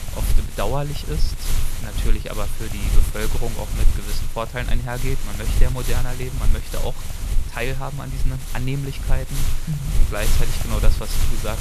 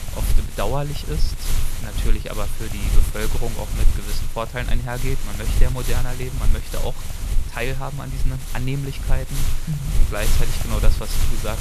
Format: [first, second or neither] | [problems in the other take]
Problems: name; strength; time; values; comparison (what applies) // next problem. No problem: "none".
neither | wind noise on the microphone; heavy; 4 dB below the speech; the same in both